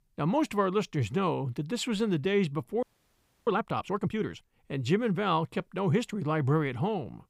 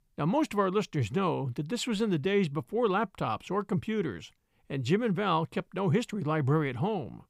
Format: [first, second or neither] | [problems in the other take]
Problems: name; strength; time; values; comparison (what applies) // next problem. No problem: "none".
second | audio freezing; at 3 s for 0.5 s